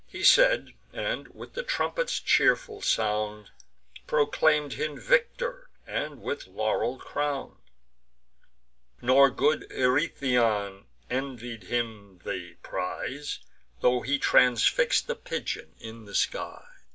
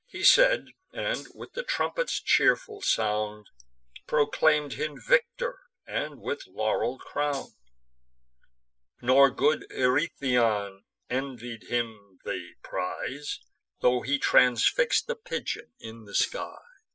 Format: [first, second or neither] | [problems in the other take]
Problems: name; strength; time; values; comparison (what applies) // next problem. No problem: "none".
first | noise reduction (classical method spectral subtraction)